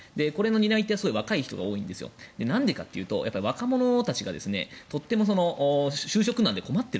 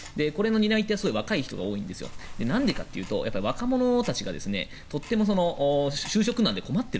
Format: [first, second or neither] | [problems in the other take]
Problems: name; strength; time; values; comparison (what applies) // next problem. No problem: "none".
first | background sound (Tick-tock); 12 dB below the speech